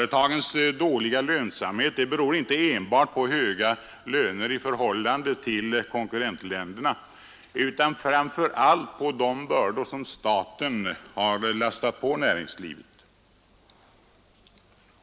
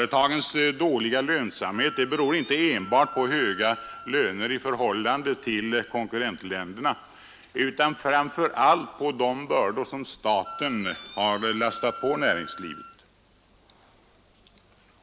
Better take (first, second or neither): first